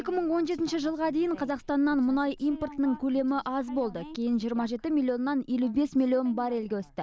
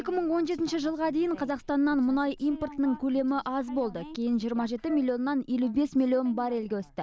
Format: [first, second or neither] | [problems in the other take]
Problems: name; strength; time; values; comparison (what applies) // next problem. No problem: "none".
first | background sound (Wind instrument, woodwind instrument); 19 dB below the speech